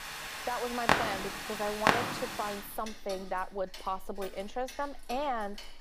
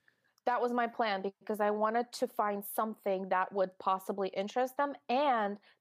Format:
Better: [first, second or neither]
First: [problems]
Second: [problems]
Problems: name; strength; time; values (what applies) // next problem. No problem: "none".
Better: second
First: household noises; very loud; throughout; 4 dB above the speech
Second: none